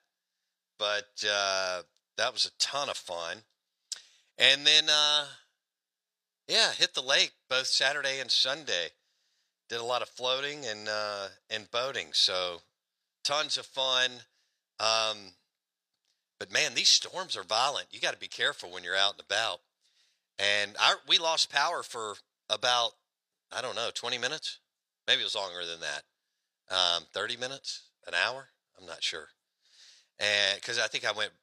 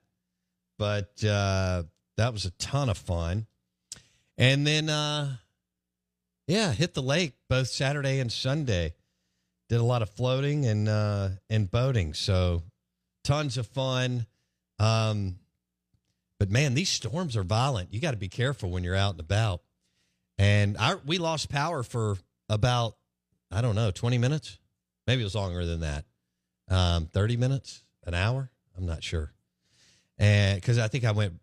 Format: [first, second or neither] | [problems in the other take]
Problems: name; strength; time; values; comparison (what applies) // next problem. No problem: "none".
second | thin; very; fading below 750 Hz